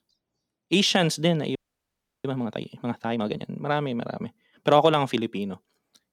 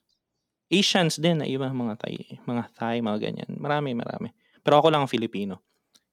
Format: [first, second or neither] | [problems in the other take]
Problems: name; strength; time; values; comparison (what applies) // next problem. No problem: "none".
second | audio freezing; at 1.5 s for 0.5 s